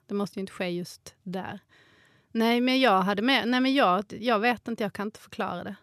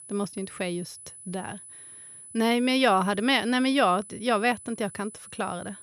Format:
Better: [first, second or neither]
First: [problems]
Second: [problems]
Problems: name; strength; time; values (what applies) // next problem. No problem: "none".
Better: first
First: none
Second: high-pitched whine; noticeable; throughout; 10 kHz, 15 dB below the speech